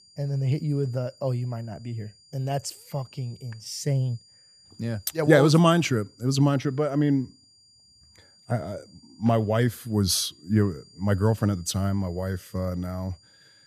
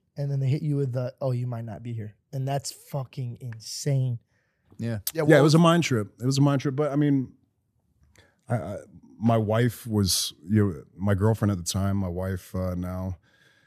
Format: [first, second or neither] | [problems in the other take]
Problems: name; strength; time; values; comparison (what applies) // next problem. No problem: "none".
second | high-pitched whine; faint; throughout; 4.5 kHz, 25 dB below the speech